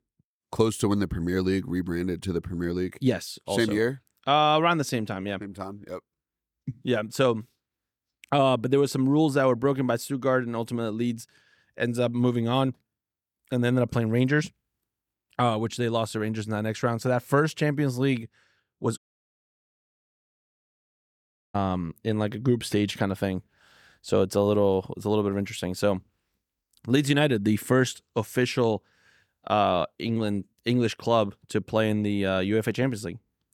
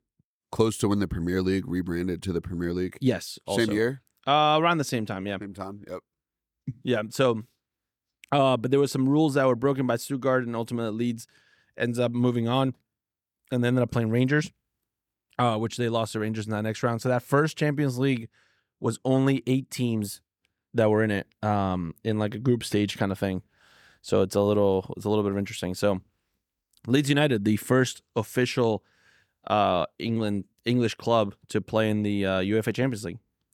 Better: second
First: audio cutting out; at 19 s for 2.5 s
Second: none

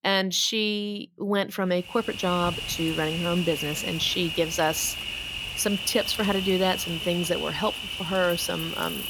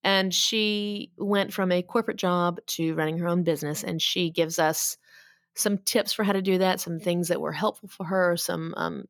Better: second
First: animal sounds; loud; from 2 s on; 4 dB below the speech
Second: none

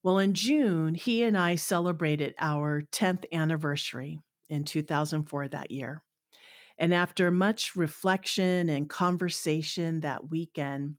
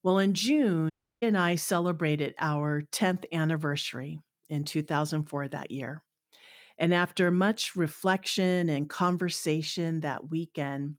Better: first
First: none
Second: audio cutting out; at 1 s

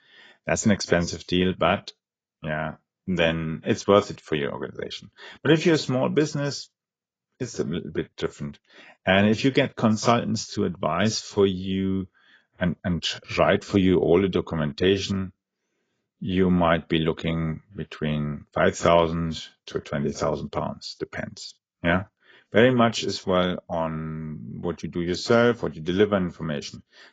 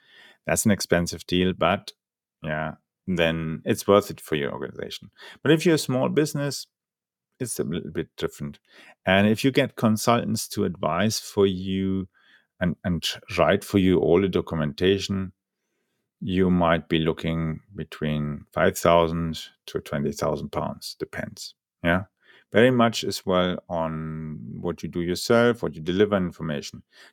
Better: second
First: garbled, watery; badly; nothing above 7.5 kHz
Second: none

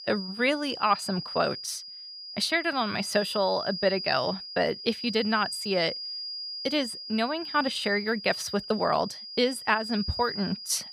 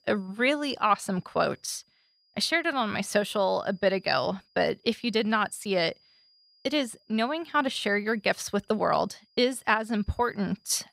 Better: second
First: high-pitched whine; loud; throughout; 5 kHz, 7 dB below the speech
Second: high-pitched whine; faint; throughout; 5 kHz, 35 dB below the speech

